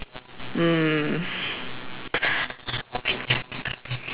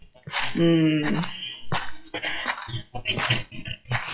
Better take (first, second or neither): first